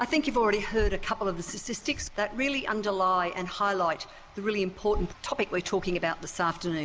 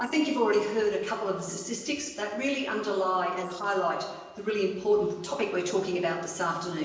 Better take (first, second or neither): first